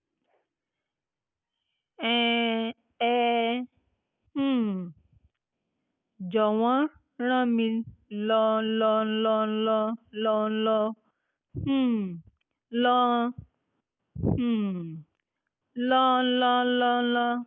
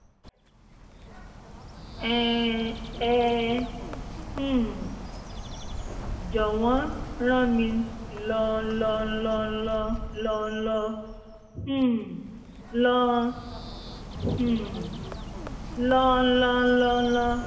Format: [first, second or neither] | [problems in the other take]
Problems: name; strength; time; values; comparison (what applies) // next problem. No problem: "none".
first | background sound (Bird); 10 dB below the speech // room echo; dies away in 1.4 s